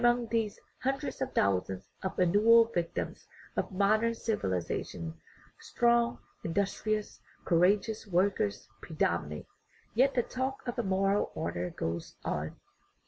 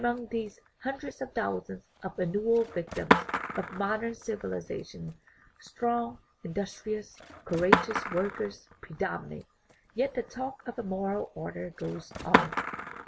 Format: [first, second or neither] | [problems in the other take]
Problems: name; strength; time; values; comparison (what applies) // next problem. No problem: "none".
first | background sound (Skateboard); 1 dB below the speech